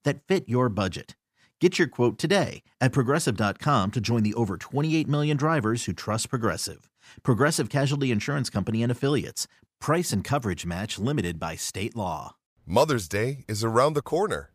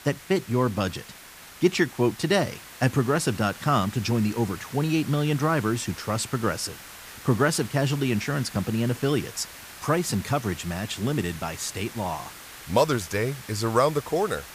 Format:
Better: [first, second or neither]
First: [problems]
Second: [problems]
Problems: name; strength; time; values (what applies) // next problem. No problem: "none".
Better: first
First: none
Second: hiss; noticeable; throughout; 15 dB below the speech